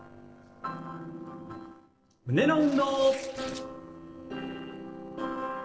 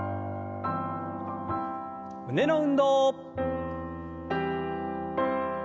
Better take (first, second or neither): second